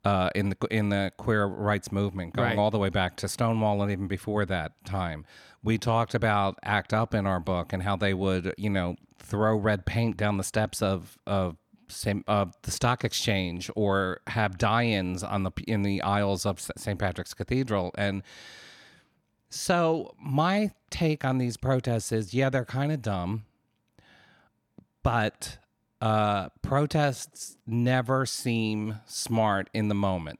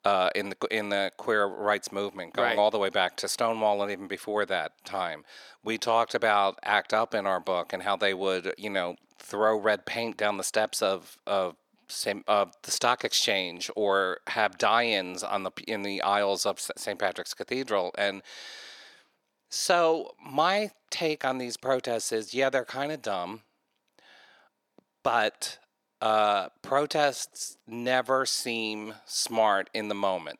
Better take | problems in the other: first | thin; somewhat; fading below 450 Hz

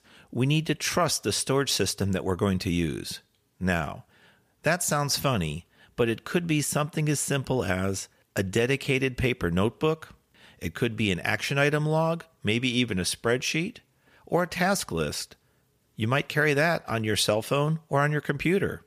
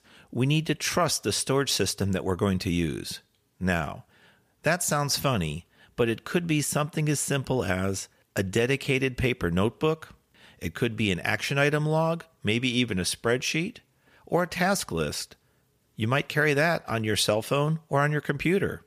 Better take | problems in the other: neither | none

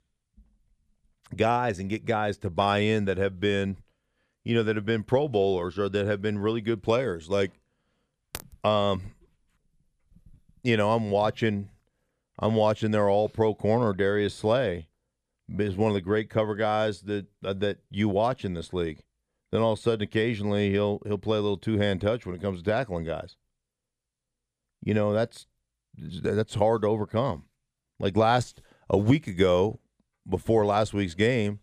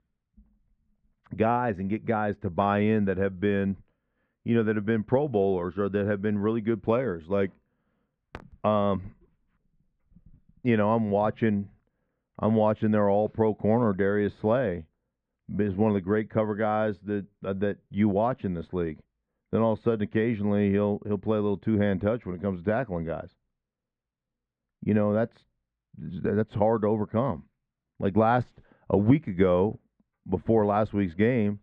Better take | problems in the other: first | muffled; very; fading above 1.5 kHz

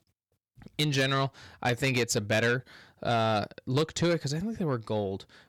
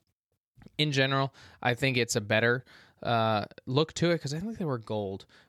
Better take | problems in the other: second | distortion; slight; 10 dB below the speech

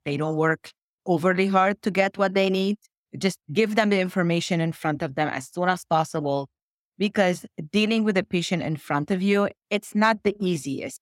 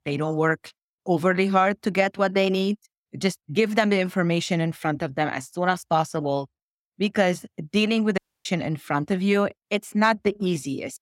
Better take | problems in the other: first | audio cutting out; at 8 s

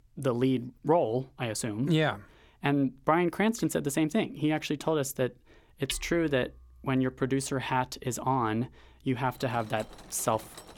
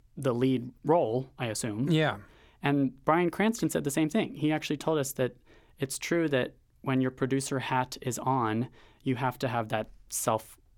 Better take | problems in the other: second | machinery noise; noticeable; from 3.5 s on; 15 dB below the speech

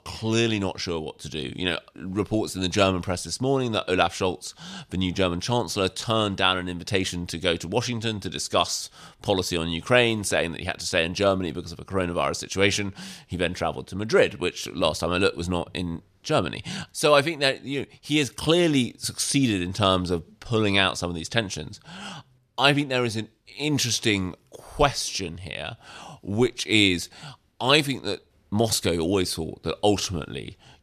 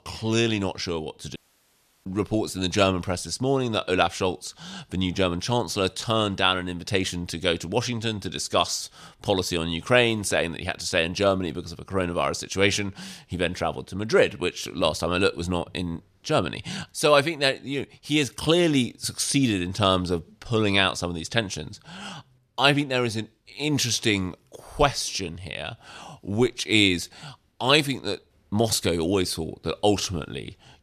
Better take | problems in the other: first | audio cutting out; at 1.5 s for 0.5 s

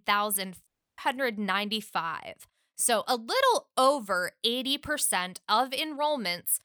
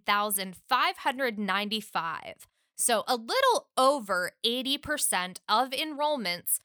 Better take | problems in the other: second | audio cutting out; at 0.5 s

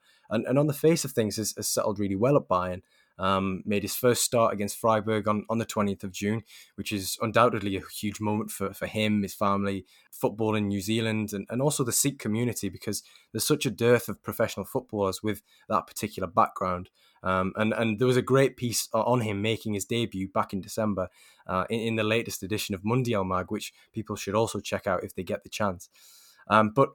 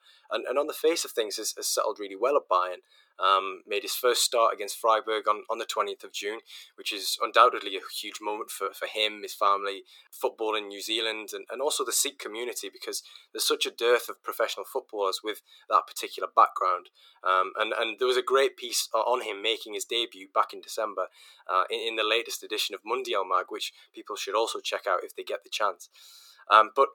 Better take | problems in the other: first | thin; very; fading below 350 Hz

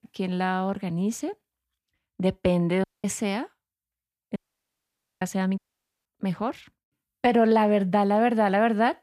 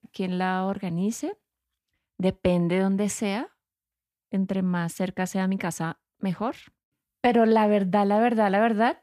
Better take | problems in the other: second | audio cutting out; at 3 s, at 4.5 s for 1 s and at 5.5 s

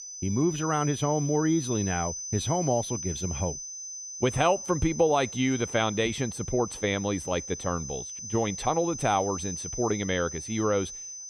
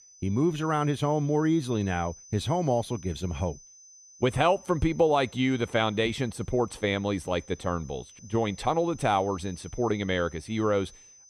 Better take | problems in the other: second | high-pitched whine; loud; throughout; 6 kHz, 8 dB below the speech; faint in the second

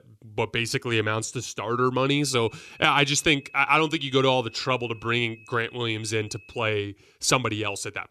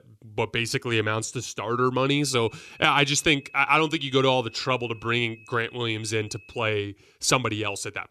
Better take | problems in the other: neither | high-pitched whine; faint; from 2 to 6.5 s; 2.5 kHz, 25 dB below the speech; the same in both

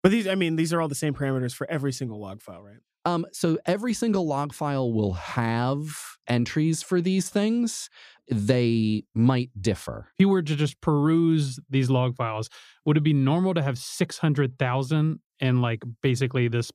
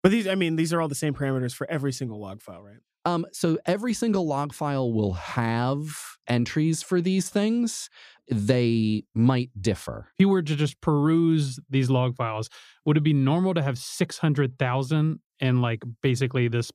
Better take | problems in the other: neither | none

